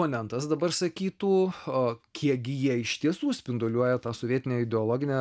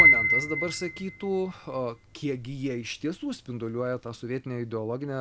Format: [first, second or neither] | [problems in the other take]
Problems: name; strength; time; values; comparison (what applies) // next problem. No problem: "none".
first | background sound (Piano); 3 dB above the speech